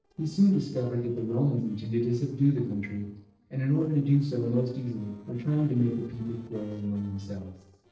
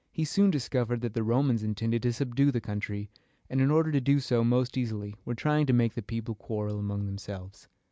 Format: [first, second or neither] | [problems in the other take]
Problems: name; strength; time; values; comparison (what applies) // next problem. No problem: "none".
second | noise reduction (neural separator model SepFormer DNS4)